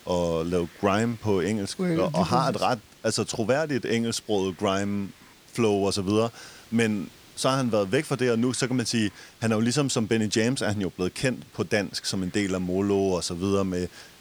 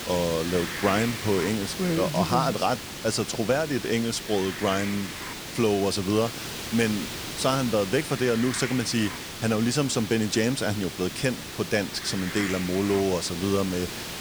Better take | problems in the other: first | hiss; loud; throughout; 7 dB below the speech; faint in the first

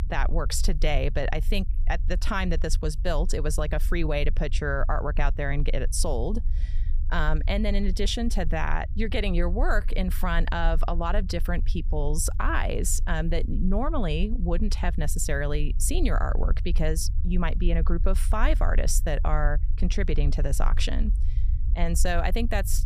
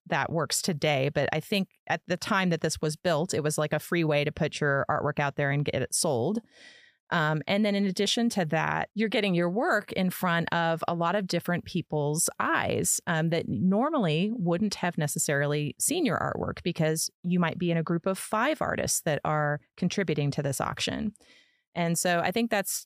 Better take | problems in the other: second | low rumble; faint; throughout; 20 dB below the speech

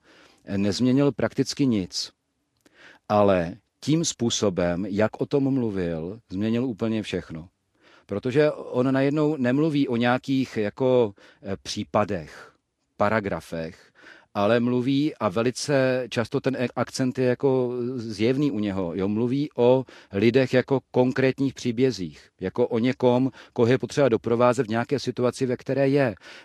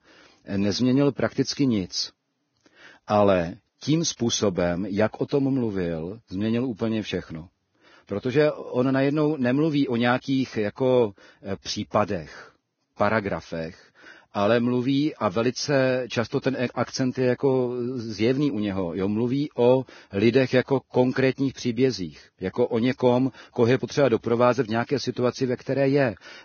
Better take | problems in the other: first | garbled, watery; badly; nothing above 6.5 kHz; slightly in the first

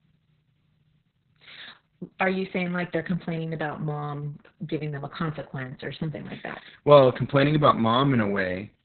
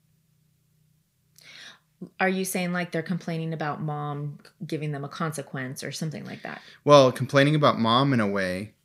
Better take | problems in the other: second | garbled, watery; badly; nothing above 4 kHz

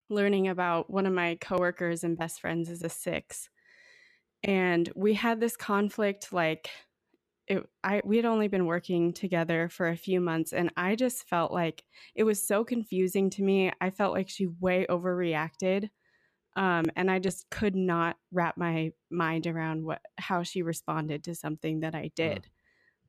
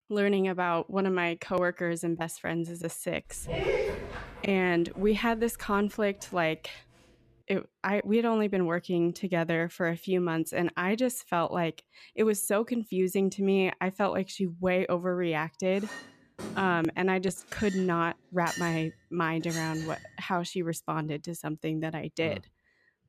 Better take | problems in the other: first | dog barking; loud; from 3.5 to 6 s; peak 1 dB above the speech // clattering dishes; noticeable; from 16 to 20 s; peak 7 dB below the speech

